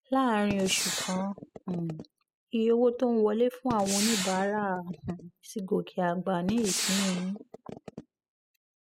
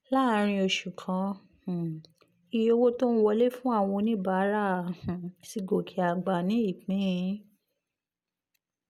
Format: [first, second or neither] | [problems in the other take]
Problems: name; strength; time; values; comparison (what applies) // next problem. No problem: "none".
second | noise reduction (classical method spectral subtraction)